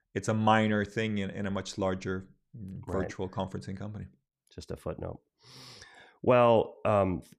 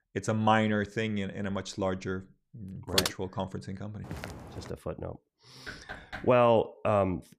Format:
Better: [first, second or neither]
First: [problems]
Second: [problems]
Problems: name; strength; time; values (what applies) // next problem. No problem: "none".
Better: first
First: none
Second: keyboard typing; loud; at 3 s; peak 1 dB above the speech // footsteps; faint; at 4 s; peak 10 dB below the speech // door banging; faint; at 5.5 s; peak 15 dB below the speech